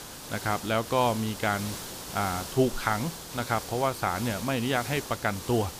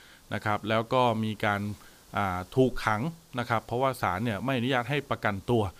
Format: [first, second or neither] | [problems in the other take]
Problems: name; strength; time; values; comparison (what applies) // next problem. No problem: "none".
second | hiss; loud; throughout; 9 dB below the speech; faint in the second